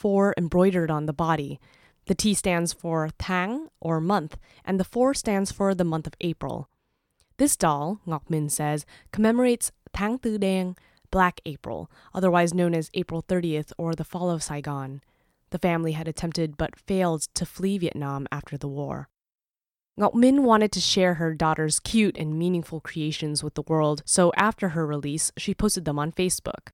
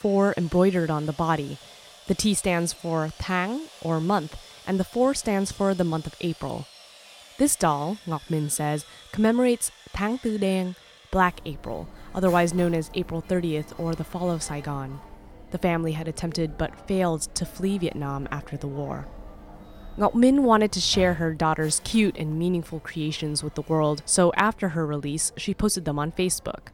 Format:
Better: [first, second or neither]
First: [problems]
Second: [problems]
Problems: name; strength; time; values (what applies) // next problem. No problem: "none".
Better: first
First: none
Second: machinery noise; faint; throughout; 20 dB below the speech